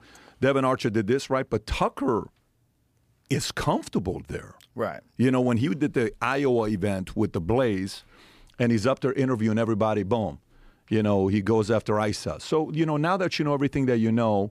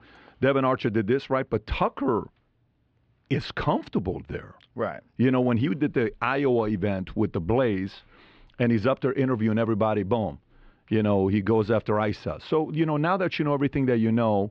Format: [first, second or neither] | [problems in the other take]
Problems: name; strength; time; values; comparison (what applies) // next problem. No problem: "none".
first | muffled; slightly; fading above 3.5 kHz